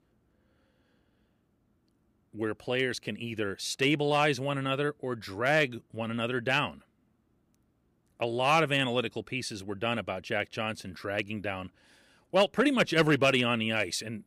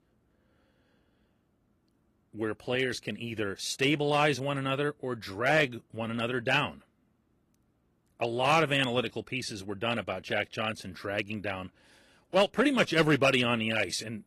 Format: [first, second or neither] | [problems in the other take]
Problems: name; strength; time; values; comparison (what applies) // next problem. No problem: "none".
first | garbled, watery; slightly; nothing above 13 kHz